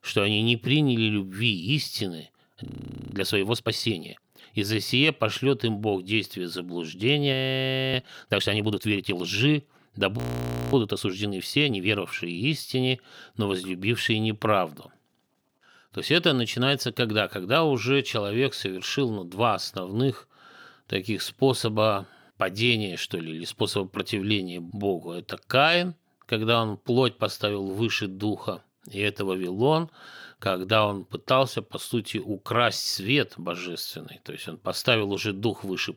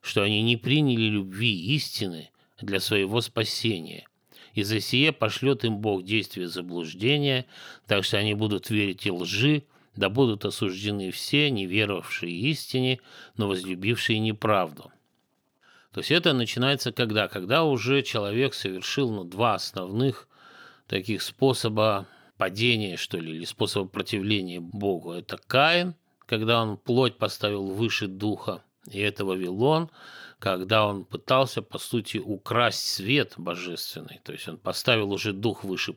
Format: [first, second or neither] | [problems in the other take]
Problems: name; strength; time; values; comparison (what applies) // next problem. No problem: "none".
second | audio freezing; at 2.5 s, at 7.5 s for 0.5 s and at 10 s for 0.5 s